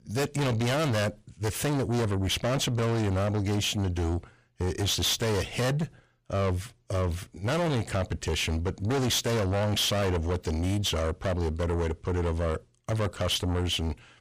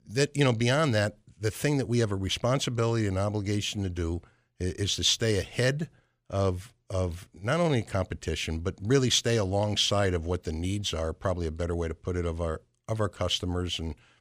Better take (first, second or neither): second